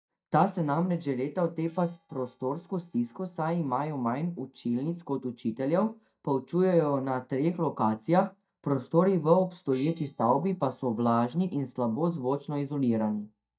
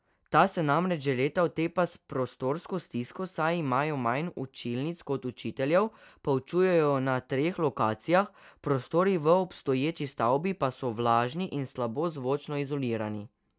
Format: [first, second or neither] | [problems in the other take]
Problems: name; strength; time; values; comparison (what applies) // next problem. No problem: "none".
second | noise reduction (neural mask model DeepFilterNet 3)